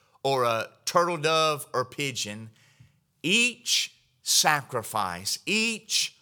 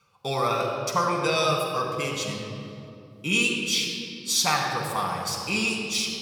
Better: first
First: none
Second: off-mic speech; somewhat distant // room echo; noticeable; dies away in 2.4 s

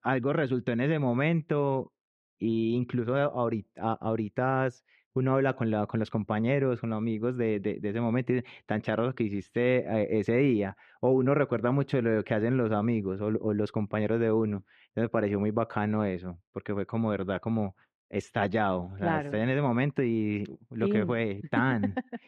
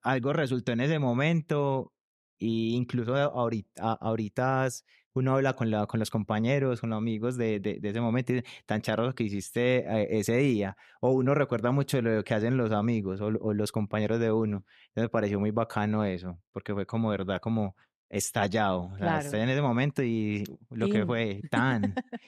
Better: second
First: muffled; very; fading above 2.5 kHz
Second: none

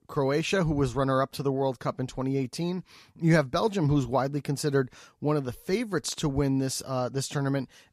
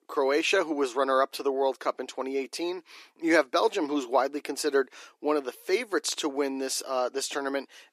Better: first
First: none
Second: thin; somewhat; fading below 300 Hz

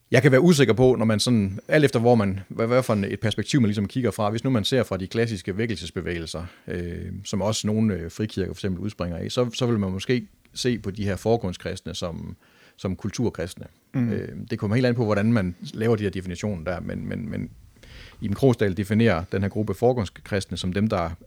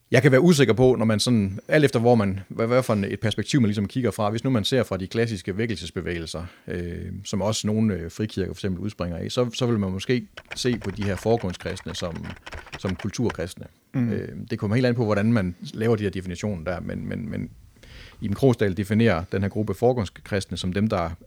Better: first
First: none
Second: keyboard typing; faint; from 10 to 13 s; peak 15 dB below the speech

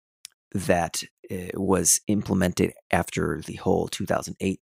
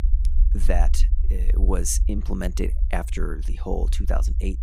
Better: first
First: none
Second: low rumble; noticeable; throughout; 15 dB below the speech

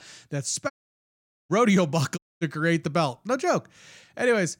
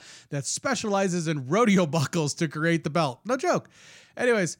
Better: second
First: audio cutting out; at 0.5 s for 1 s and at 2 s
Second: none

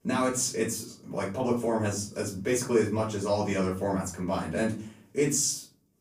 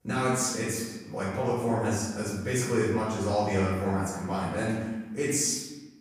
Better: first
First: room echo; slight; dies away in 0.3 s // off-mic speech; far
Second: room echo; strong; dies away in 1.1 s // off-mic speech; far

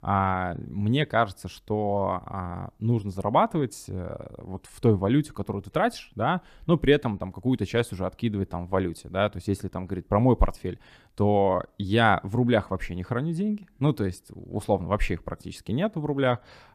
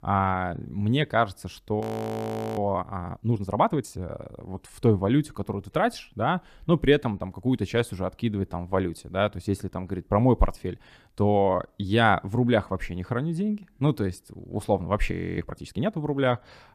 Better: first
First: none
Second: audio freezing; at 2 s for 1 s and at 15 s

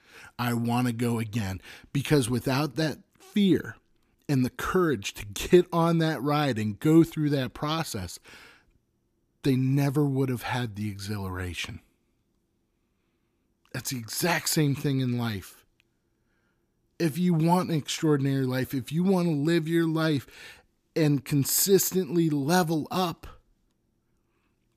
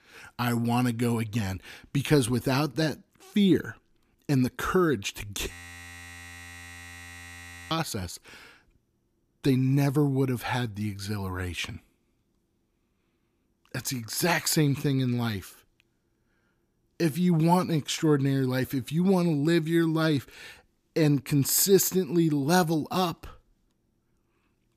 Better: first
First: none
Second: audio freezing; at 5.5 s for 2 s

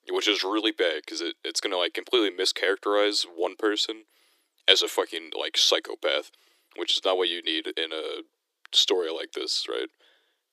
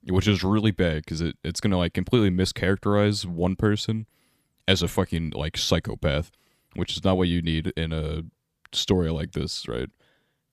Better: second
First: thin; very; fading below 300 Hz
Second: none

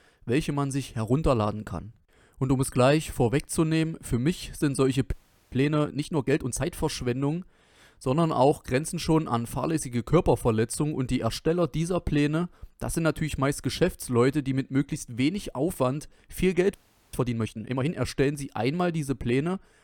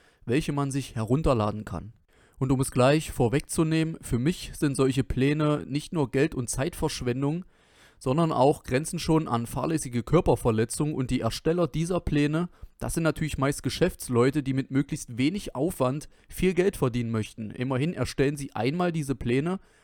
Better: second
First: audio freezing; at 5 s and at 17 s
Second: none

